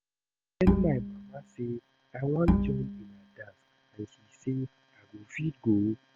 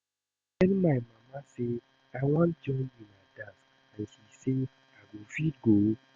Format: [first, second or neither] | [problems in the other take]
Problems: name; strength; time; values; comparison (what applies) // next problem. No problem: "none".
second | background sound (Bowed string instrument); 3 dB above the speech